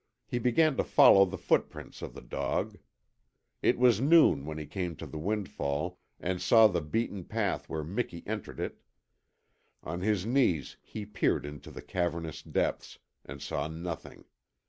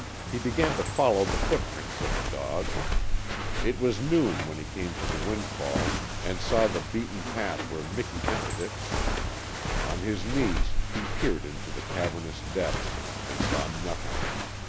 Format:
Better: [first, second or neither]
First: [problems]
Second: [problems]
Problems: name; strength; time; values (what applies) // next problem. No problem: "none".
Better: first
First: none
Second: background sound (Walk, footsteps); 1 dB above the speech